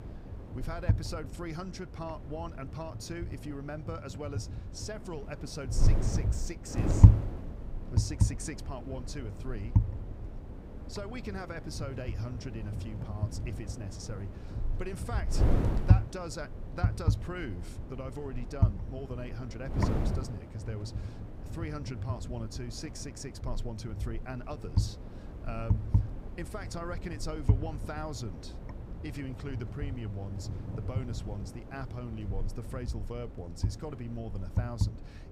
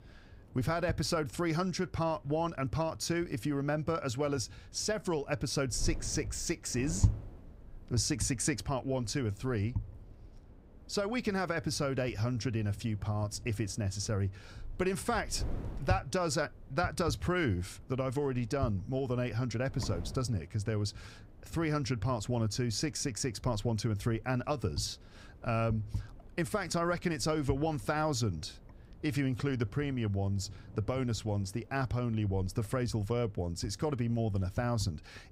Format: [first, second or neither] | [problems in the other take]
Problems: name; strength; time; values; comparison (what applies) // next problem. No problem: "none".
second | wind noise on the microphone; heavy; 2 dB below the speech; occasional gusts in the second